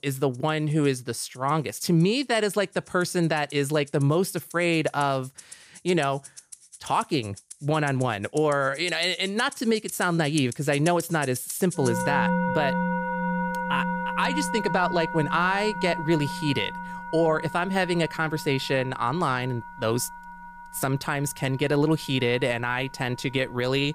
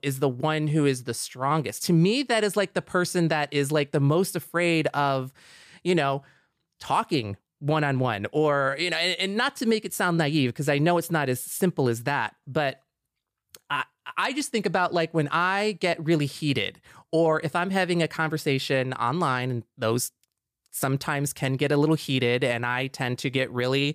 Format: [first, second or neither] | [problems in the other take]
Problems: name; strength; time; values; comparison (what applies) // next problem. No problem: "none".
second | background music; loud; throughout; 7 dB below the speech